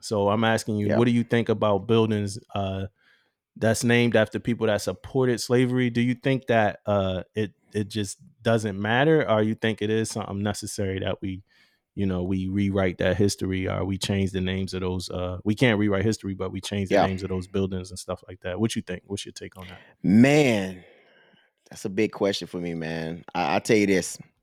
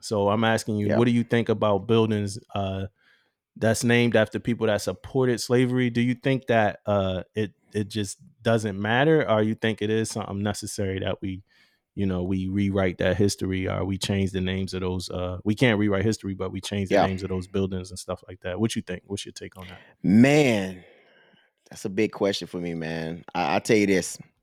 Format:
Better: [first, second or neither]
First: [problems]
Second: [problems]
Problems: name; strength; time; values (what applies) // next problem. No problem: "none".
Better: neither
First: none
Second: none